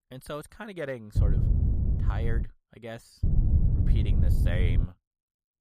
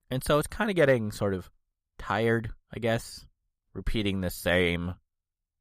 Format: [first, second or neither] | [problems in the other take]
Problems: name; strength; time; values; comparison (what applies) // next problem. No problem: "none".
second | wind noise on the microphone; heavy; from 1 to 2.5 s and from 3 to 5 s; 2 dB below the speech